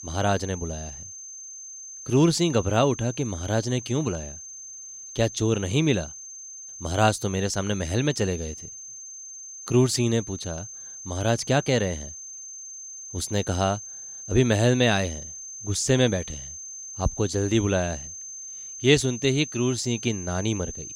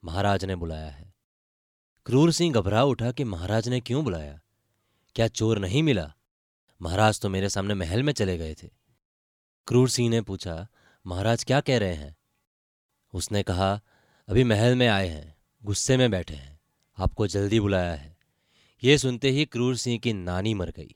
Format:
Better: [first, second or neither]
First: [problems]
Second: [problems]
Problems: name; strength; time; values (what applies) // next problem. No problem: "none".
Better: second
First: high-pitched whine; noticeable; throughout; 6.5 kHz, 10 dB below the speech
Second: none